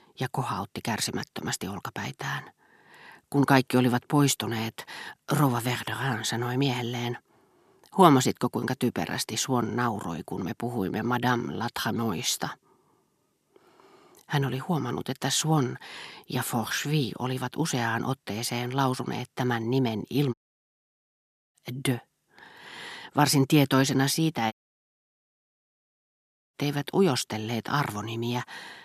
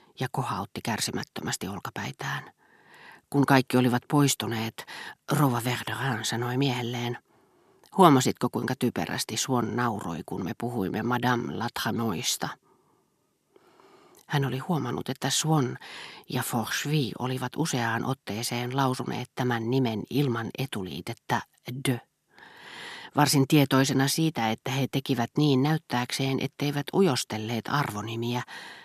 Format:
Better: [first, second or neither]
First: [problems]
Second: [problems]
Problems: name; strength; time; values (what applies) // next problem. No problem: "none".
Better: second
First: audio cutting out; at 20 s for 1 s and at 25 s for 2 s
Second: none